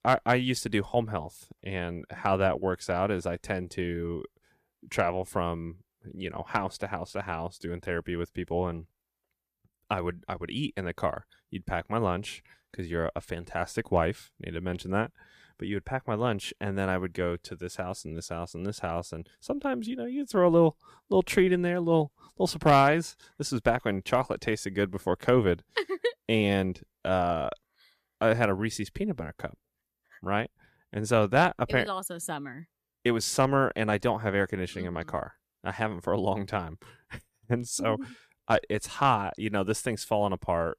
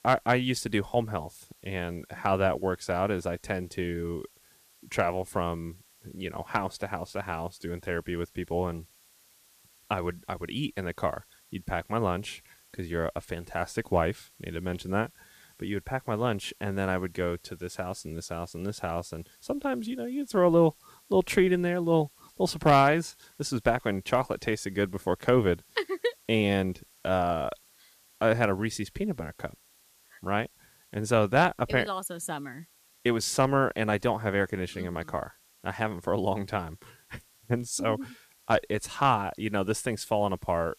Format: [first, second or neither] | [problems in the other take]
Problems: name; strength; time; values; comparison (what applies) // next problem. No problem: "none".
first | hiss; faint; throughout; 30 dB below the speech